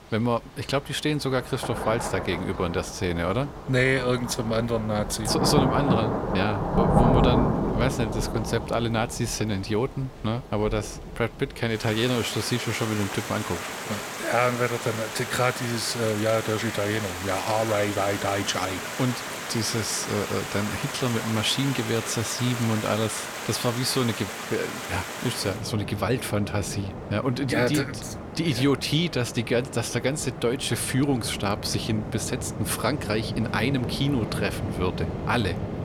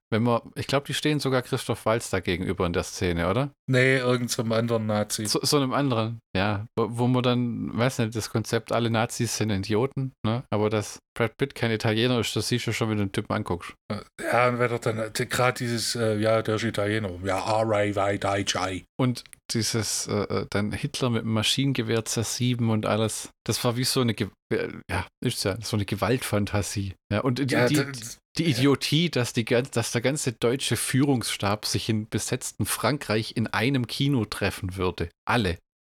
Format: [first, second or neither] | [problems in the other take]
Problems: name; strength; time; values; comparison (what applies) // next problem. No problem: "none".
second | rain or running water; loud; throughout; 5 dB below the speech